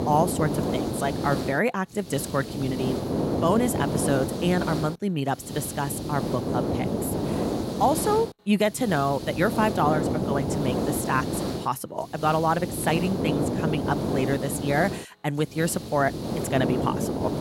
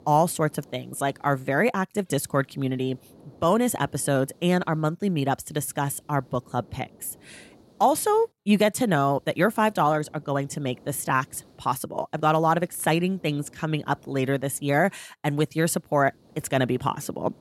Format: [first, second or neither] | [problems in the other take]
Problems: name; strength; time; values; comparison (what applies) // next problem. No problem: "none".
second | hiss; loud; throughout; 2 dB below the speech; faint in the second